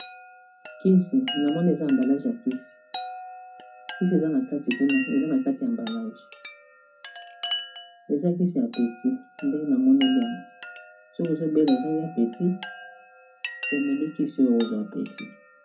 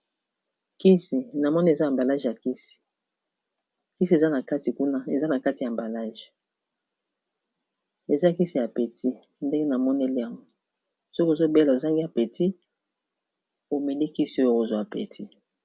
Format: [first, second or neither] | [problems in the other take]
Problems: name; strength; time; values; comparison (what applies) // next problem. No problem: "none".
second | background sound (Chime); 13 dB below the speech // room echo; dies away in 0.3 s